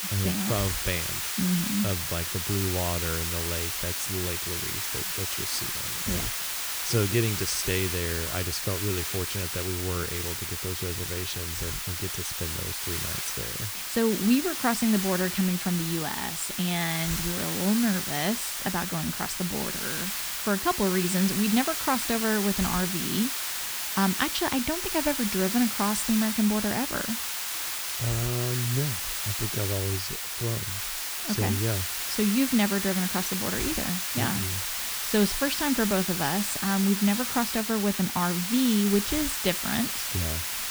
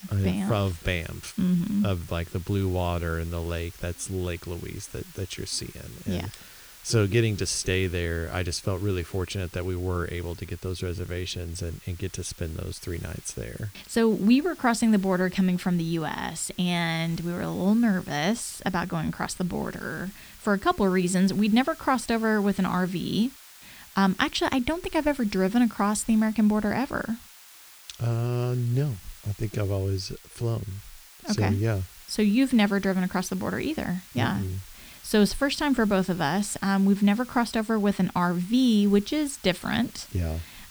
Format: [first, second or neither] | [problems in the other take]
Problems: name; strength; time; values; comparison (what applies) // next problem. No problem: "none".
second | hiss; loud; throughout; as loud as the speech; faint in the second